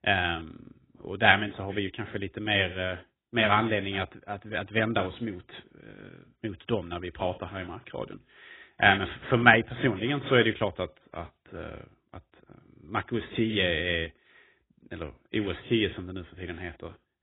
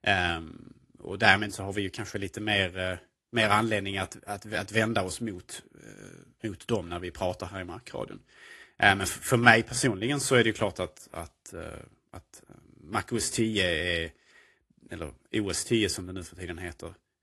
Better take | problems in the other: second | garbled, watery; badly; nothing above 3.5 kHz; slightly in the second

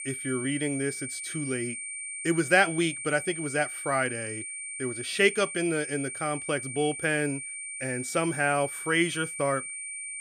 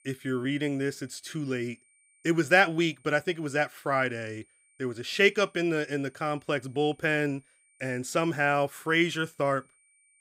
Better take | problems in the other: second | high-pitched whine; loud; throughout; 9 kHz, 6 dB below the speech; faint in the second

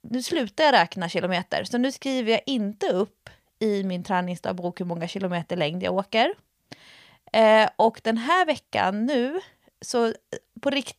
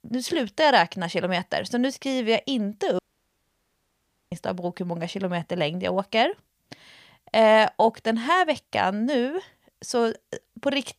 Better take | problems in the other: first | audio cutting out; at 3 s for 1.5 s

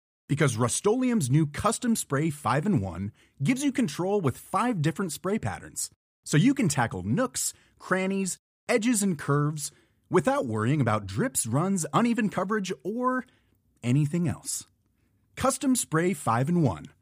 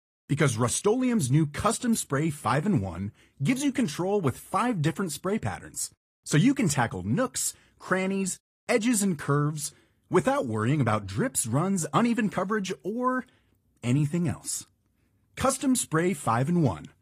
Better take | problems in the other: first | garbled, watery; slightly

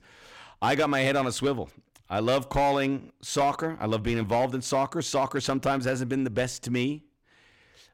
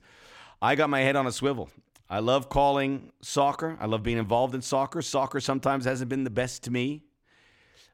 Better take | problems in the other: second | distortion; slight; 5% of the sound clipped

